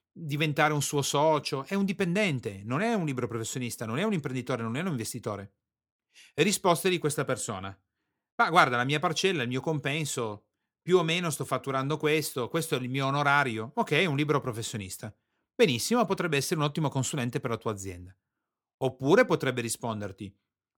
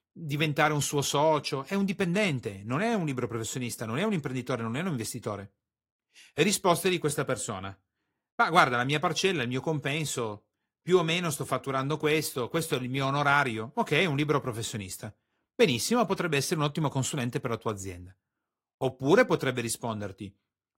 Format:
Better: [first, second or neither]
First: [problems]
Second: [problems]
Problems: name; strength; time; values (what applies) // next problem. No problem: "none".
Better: first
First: none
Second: garbled, watery; slightly; nothing above 15.5 kHz